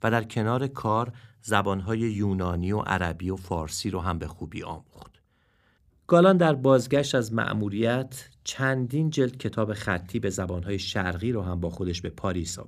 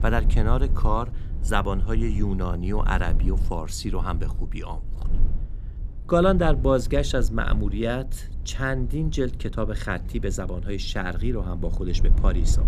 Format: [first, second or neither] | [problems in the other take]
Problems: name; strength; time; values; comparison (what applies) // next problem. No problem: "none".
first | low rumble; noticeable; throughout; 20 dB below the speech